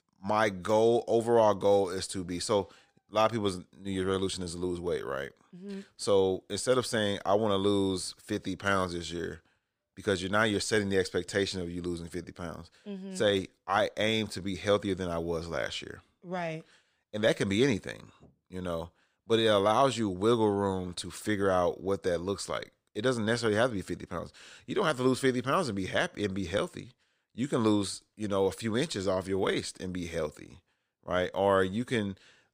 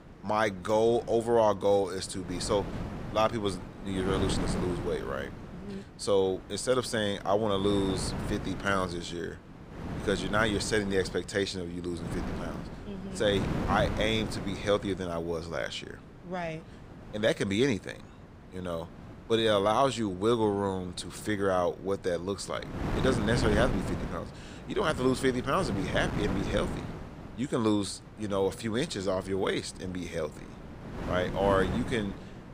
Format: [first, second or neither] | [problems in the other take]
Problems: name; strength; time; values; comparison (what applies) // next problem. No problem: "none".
first | wind noise on the microphone; occasional gusts; 10 dB below the speech